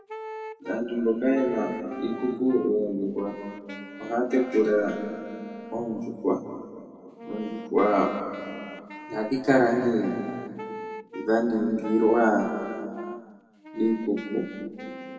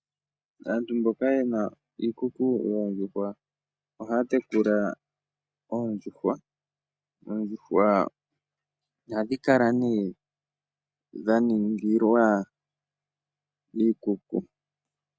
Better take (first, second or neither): second